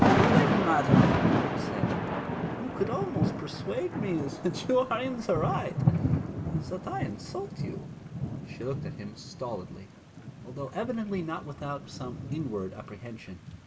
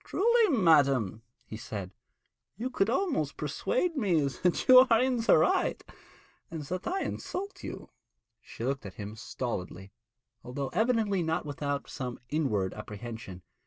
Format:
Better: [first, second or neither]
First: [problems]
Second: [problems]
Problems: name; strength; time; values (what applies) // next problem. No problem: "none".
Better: second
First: background sound (Thunder / Rain); 4 dB above the speech // room echo; dies away in 0.8 s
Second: none